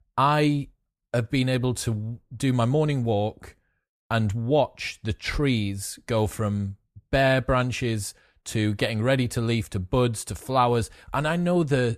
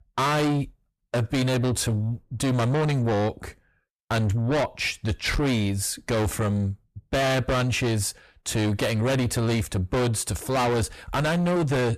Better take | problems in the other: first | distortion; heavy; 6 dB below the speech

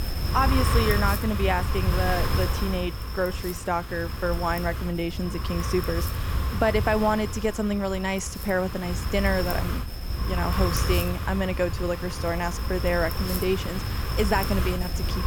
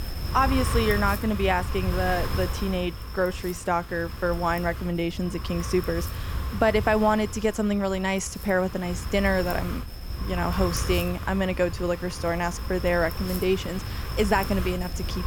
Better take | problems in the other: second | wind noise on the microphone; heavy; 6 dB below the speech; occasional gusts in the second

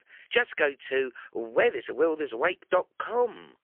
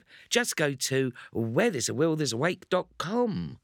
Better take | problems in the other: second | phone-call audio; poor line; nothing above 3 kHz

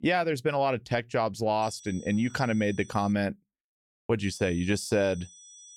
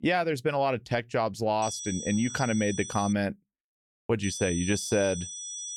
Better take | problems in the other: first | high-pitched whine; loud; from 1.5 to 3 s and from 4 s on; 6 kHz, 8 dB below the speech; faint in the first

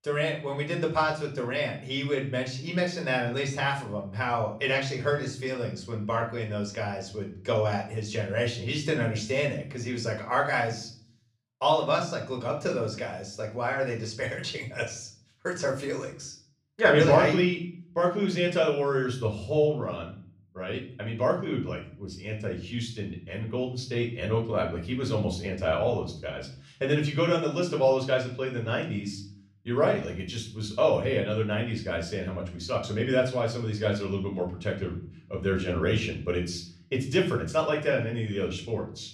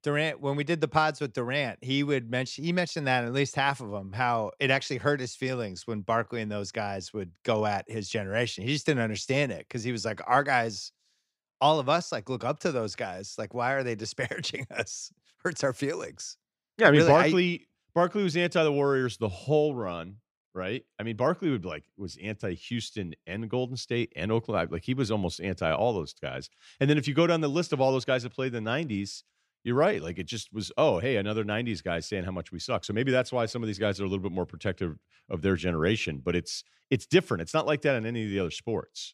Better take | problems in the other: second | room echo; slight; dies away in 0.5 s // off-mic speech; somewhat distant

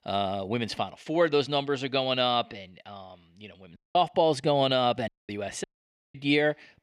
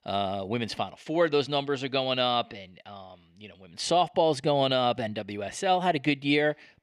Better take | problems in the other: second | audio cutting out; at 4 s, at 5 s and at 5.5 s for 0.5 s

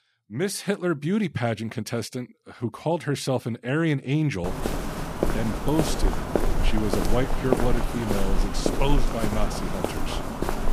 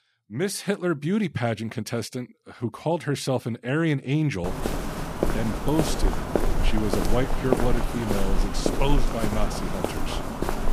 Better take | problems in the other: neither | footsteps; loud; from 4.5 s on; peak 2 dB above the speech; the same in both

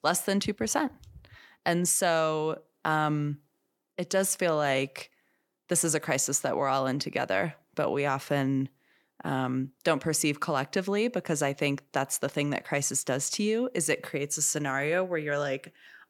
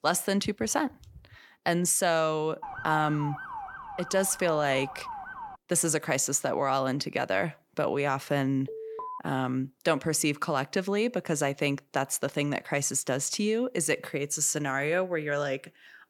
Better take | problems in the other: first | siren; noticeable; from 2.5 to 5.5 s; peak 8 dB below the speech // alarm; noticeable; at 8.5 s; peak 10 dB below the speech

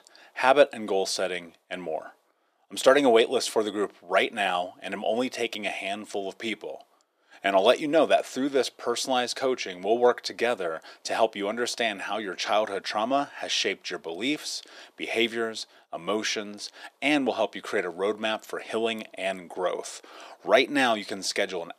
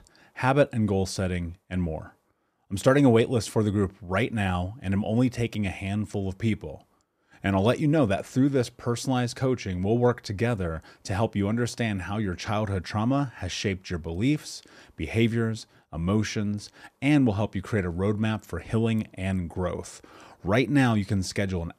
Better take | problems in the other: second | thin; somewhat; fading below 350 Hz

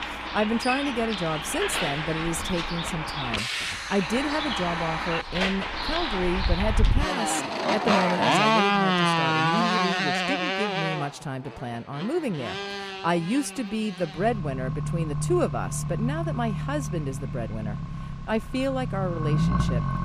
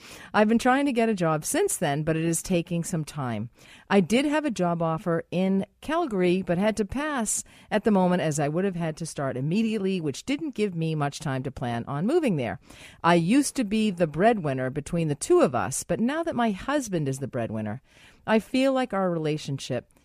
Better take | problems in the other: second | traffic noise; very loud; throughout; 3 dB above the speech

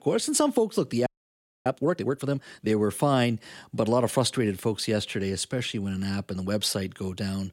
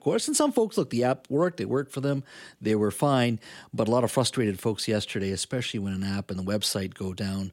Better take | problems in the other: second | audio freezing; at 1 s for 0.5 s

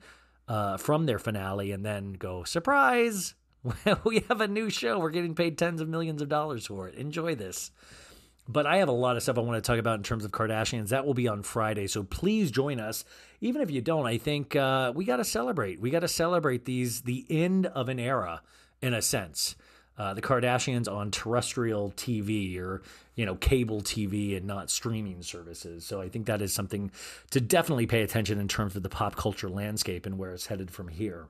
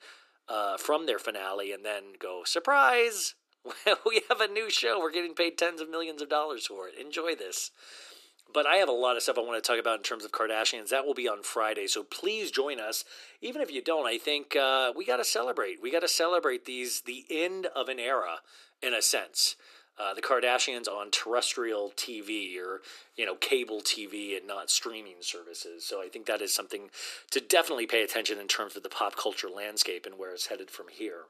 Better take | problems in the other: first | thin; very; fading below 350 Hz

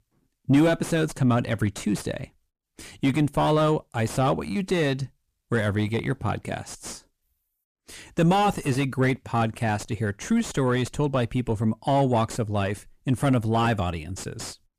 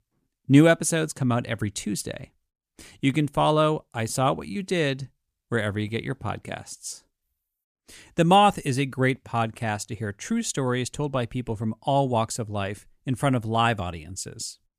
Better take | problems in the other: second | distortion; heavy; 6 dB below the speech

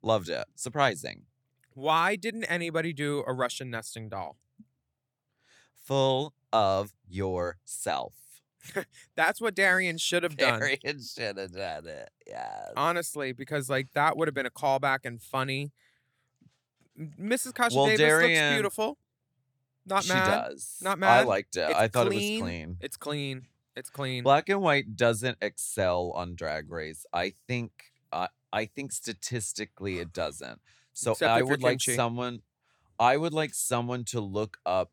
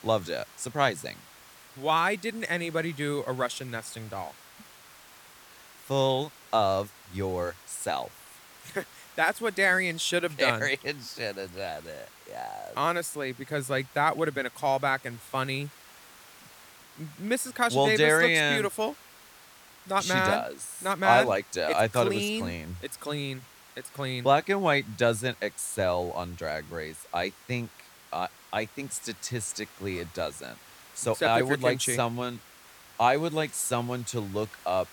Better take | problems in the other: first | hiss; faint; throughout; 20 dB below the speech

